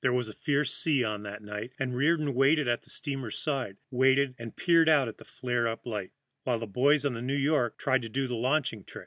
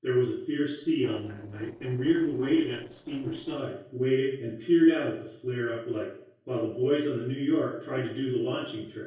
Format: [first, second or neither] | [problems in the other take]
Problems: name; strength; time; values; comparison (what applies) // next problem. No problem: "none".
first | noise reduction (neural separator model SepFormer DNS4)